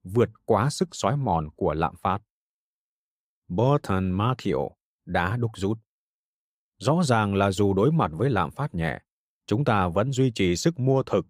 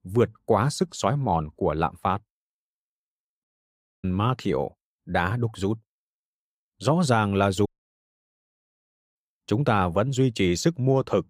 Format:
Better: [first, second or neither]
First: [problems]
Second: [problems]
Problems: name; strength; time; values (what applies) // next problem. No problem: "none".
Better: first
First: none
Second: audio cutting out; at 3.5 s for 0.5 s and at 7.5 s for 1.5 s